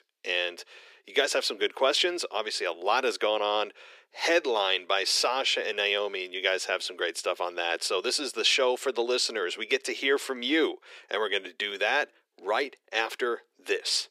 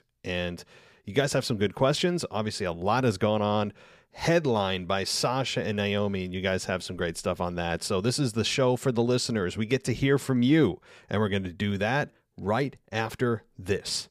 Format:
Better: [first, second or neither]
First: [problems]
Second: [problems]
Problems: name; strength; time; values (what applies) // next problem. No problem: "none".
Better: second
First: thin; very; fading below 350 Hz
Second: none